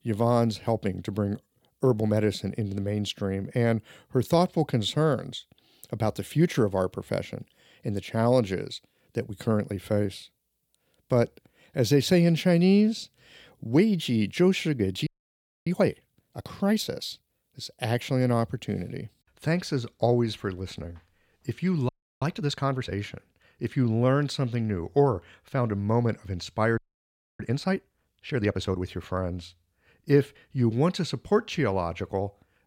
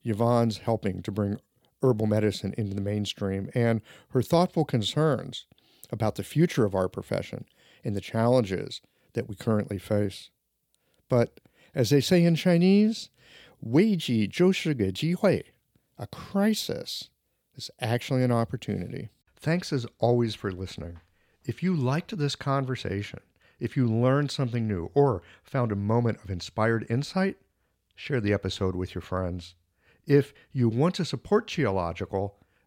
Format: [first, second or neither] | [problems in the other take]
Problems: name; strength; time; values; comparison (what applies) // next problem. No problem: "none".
second | audio freezing; at 15 s for 0.5 s, at 22 s and at 27 s for 0.5 s